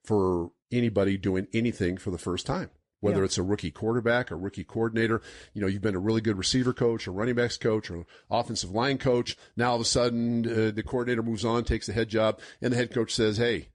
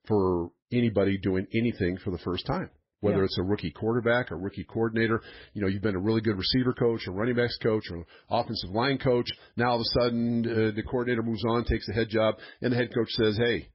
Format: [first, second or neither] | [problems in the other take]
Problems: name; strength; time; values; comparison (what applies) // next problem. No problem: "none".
first | garbled, watery; badly; nothing above 5.5 kHz; slightly in the first